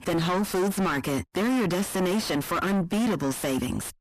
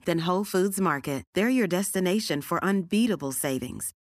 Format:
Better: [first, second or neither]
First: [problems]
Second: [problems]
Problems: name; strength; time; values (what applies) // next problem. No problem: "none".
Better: second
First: distortion; heavy; 5 dB below the speech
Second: none